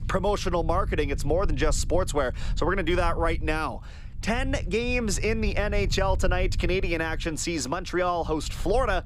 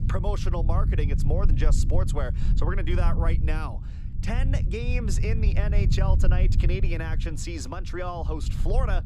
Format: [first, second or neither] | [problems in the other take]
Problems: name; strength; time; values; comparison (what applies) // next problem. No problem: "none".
first | low rumble; loud; throughout; 8 dB below the speech; faint in the first